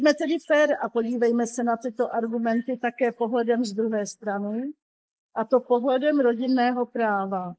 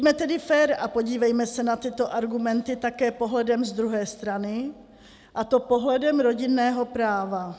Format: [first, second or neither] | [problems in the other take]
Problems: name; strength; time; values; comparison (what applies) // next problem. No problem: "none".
second | noise reduction (neural mask model Resemble Enhance denoiser)